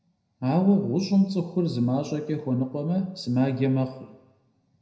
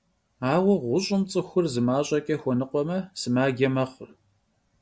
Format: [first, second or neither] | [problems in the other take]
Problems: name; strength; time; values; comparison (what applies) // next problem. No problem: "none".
second | room echo; dies away in 0.8 s